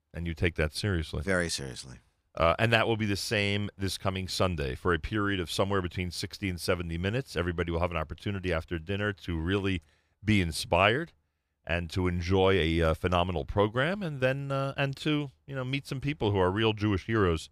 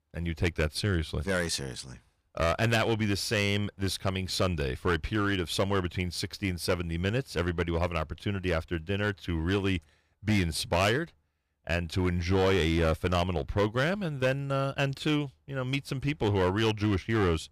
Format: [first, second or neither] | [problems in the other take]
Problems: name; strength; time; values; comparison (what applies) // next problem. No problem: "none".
first | distortion; slight; 6% of the sound clipped